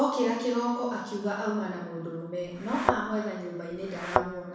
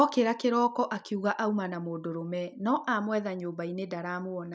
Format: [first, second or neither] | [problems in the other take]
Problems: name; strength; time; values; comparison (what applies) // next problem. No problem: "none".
second | background sound (Thump, thud); as loud as the speech // room echo; dies away in 1 s